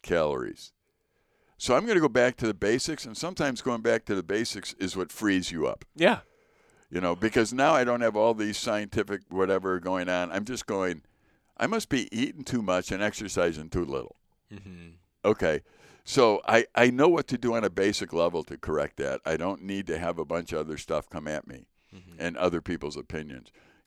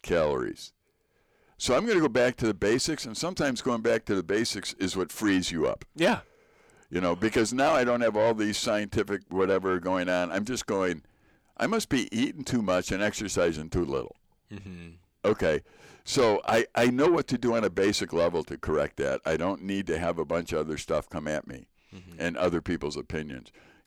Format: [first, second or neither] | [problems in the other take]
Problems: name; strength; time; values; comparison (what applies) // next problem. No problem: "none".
first | distortion; slight; 10 dB below the speech